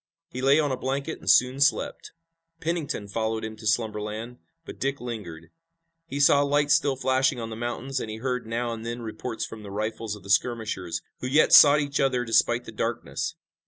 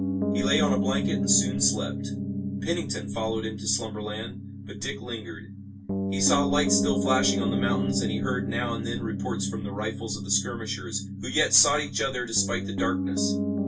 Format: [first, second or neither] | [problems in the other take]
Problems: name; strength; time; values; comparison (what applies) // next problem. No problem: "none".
first | background sound (Piano); as loud as the speech // room echo; dies away in 0.2 s